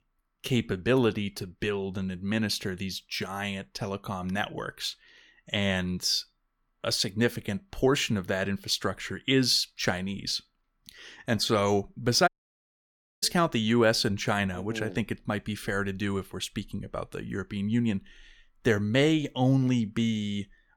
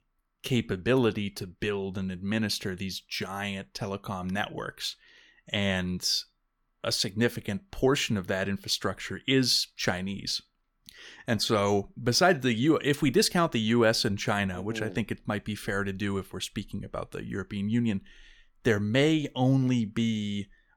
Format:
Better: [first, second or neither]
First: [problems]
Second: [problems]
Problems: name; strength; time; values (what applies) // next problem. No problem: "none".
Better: second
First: audio cutting out; at 12 s for 1 s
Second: none